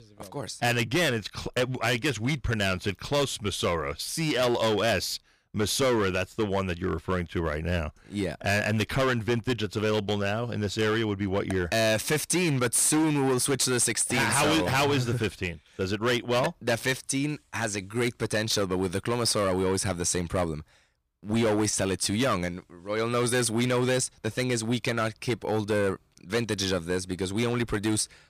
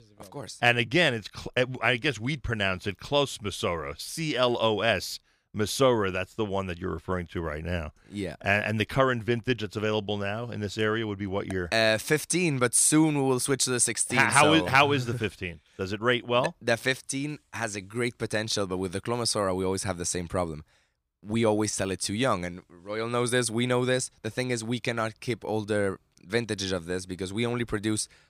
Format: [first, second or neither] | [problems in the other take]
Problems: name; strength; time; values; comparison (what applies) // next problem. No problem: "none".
second | distortion; heavy; 12% of the sound clipped